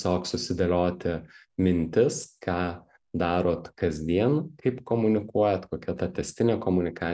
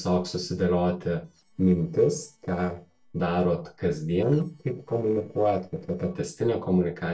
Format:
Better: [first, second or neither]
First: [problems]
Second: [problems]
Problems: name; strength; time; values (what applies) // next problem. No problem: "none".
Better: first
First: none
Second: noise reduction (neural separator model SepFormer DNS4)